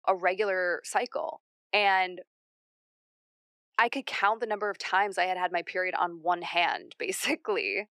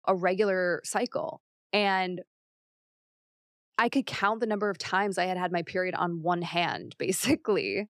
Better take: second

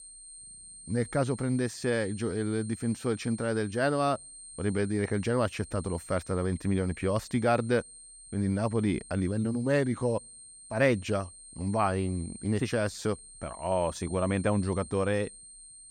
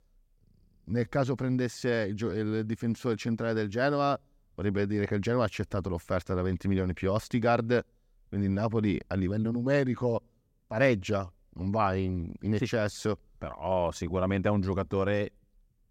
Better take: second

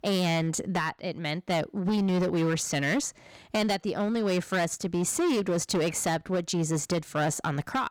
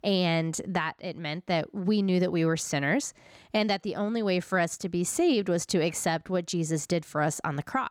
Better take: second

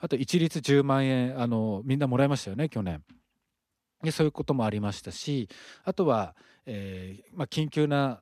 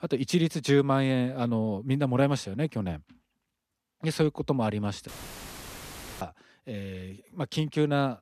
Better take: first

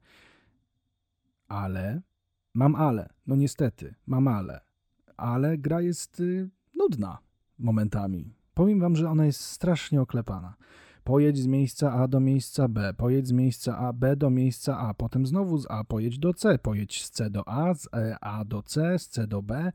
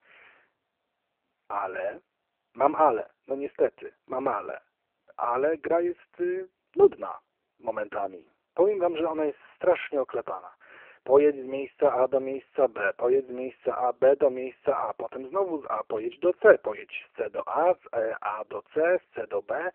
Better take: first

